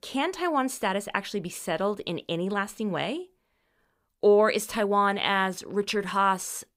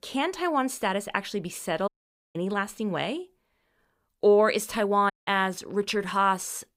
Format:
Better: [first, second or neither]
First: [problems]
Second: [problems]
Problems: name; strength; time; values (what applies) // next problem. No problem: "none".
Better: first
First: none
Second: audio cutting out; at 2 s and at 5 s